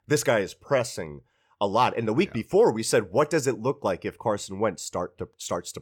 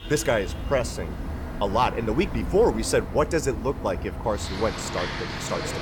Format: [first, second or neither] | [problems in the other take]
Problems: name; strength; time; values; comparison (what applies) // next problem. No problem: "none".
first | traffic noise; loud; throughout; 7 dB below the speech